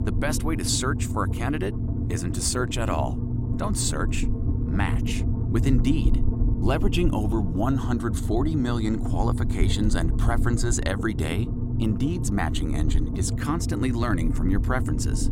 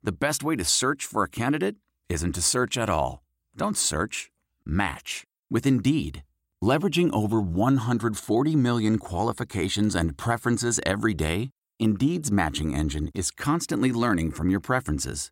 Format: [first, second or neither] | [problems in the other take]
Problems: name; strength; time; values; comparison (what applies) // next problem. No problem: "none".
second | low rumble; loud; throughout; 7 dB below the speech